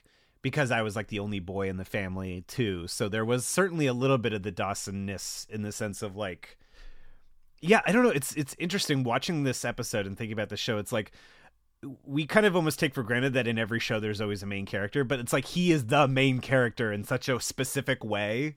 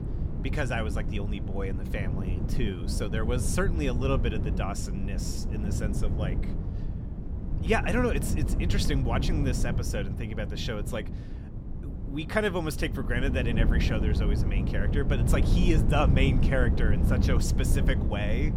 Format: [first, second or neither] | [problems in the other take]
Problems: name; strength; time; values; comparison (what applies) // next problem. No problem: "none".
first | wind noise on the microphone; heavy; 8 dB below the speech